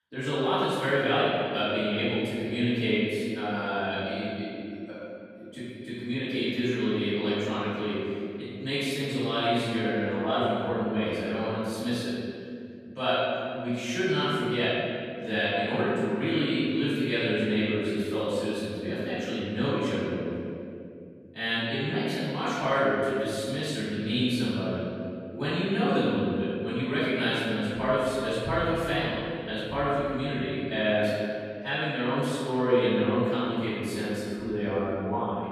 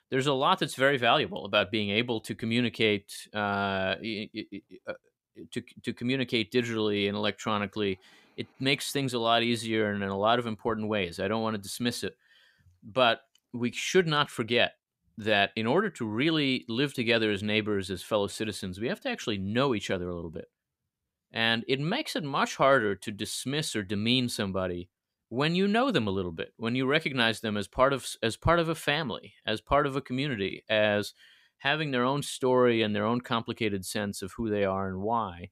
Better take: second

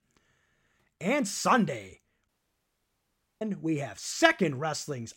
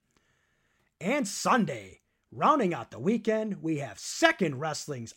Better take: second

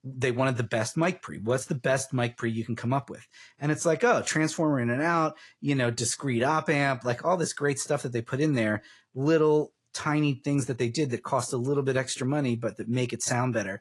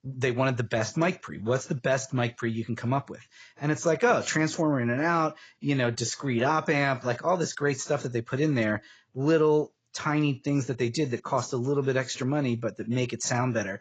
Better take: first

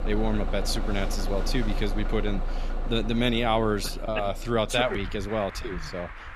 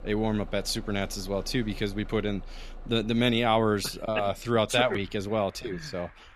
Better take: second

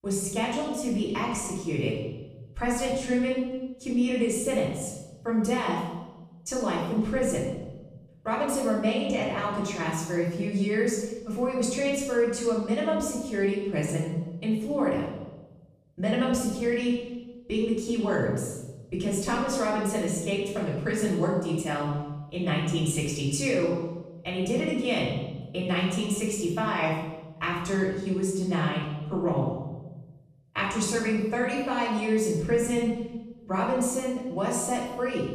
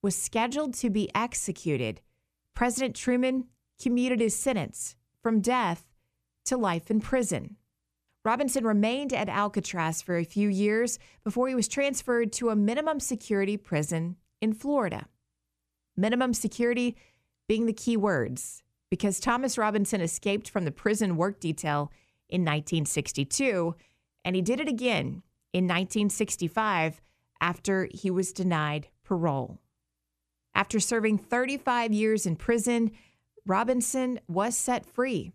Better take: second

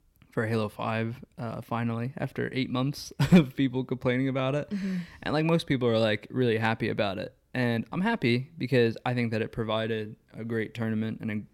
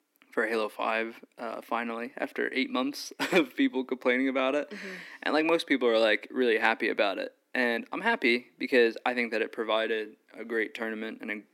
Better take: first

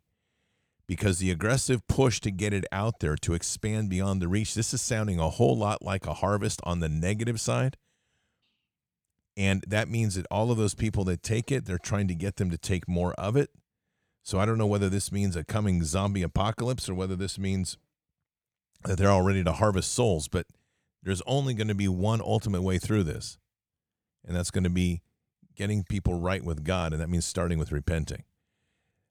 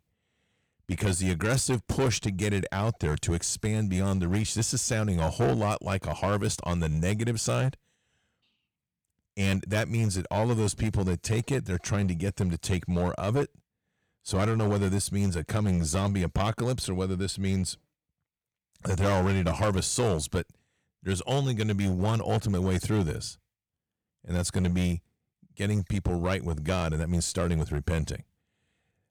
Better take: first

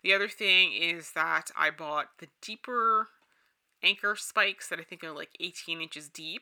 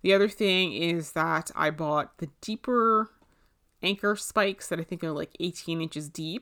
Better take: second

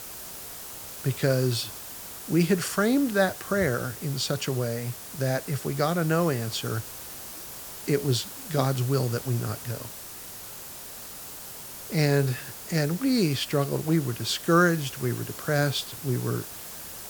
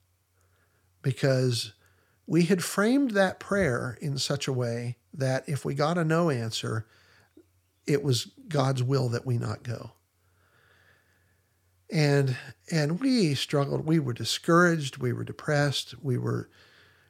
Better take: second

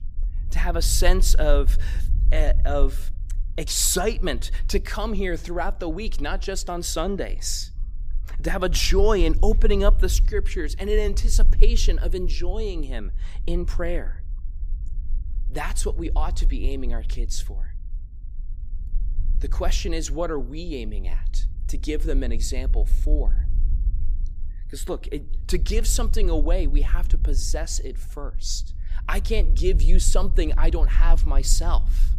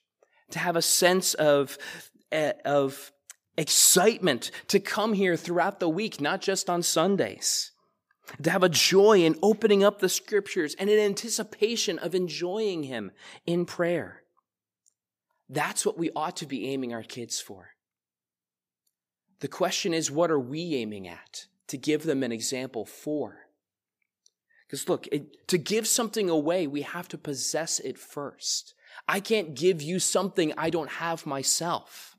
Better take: second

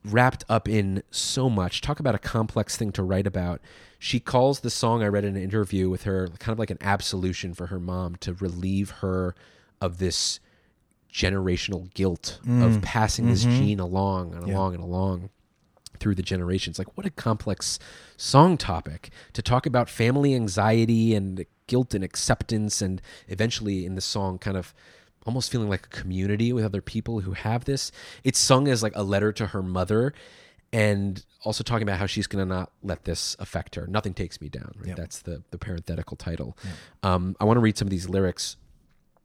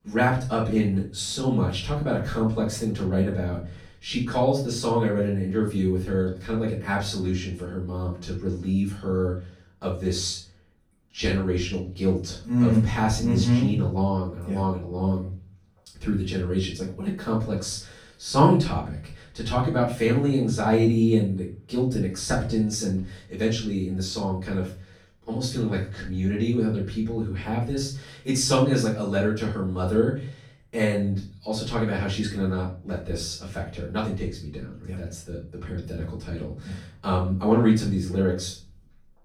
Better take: first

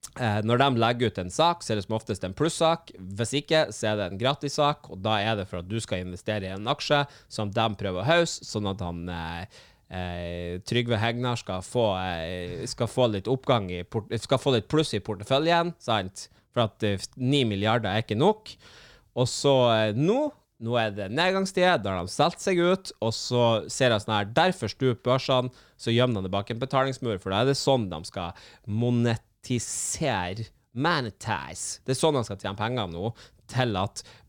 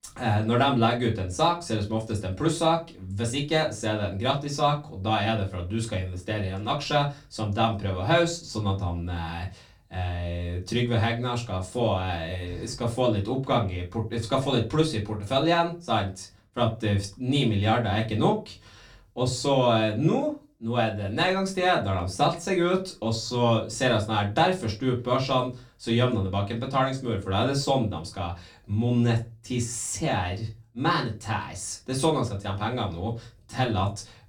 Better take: first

